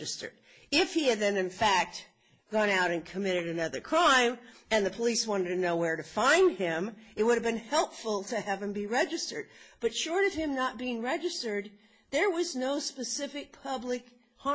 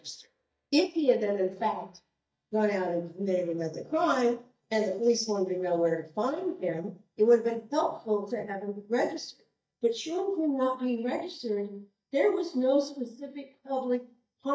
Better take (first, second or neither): first